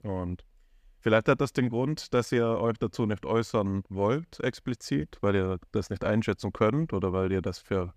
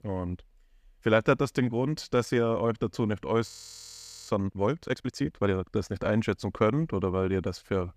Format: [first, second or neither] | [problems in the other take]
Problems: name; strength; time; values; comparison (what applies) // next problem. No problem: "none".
first | audio freezing; at 3.5 s for 1 s